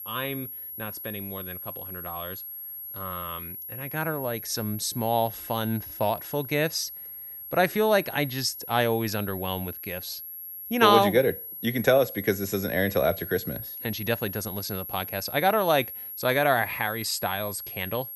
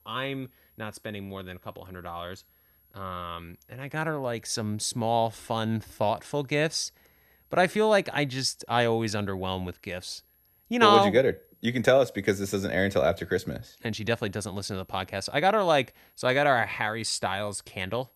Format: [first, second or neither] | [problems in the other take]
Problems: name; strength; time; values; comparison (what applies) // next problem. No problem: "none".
second | high-pitched whine; loud; throughout; 11.5 kHz, 9 dB below the speech; faint in the second